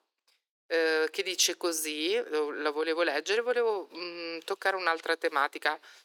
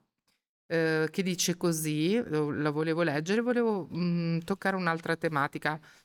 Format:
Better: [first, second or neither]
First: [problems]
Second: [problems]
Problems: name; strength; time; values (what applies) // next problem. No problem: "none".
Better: second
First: thin; very; fading below 350 Hz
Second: none